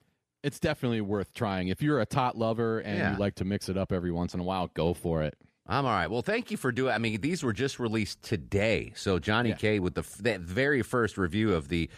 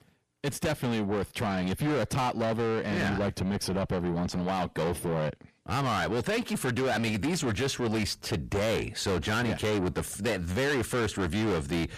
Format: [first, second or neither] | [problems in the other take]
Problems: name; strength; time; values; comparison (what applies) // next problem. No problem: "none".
first | distortion; heavy; 6 dB below the speech